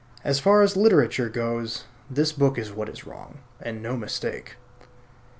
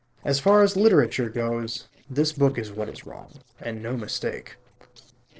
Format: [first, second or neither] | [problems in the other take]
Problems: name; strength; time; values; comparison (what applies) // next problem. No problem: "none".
first | noise reduction (neural separator model SepFormer DNS4)